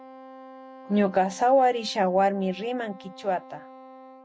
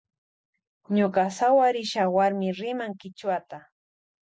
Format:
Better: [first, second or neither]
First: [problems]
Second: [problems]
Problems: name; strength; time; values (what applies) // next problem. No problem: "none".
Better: second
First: background sound (Wind instrument, woodwind instrument); 20 dB below the speech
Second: none